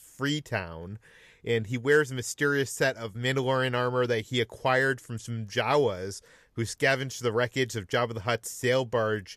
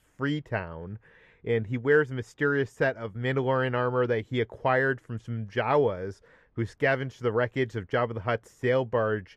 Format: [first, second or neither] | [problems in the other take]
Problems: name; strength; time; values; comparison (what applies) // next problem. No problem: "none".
first | muffled; very; fading above 3.5 kHz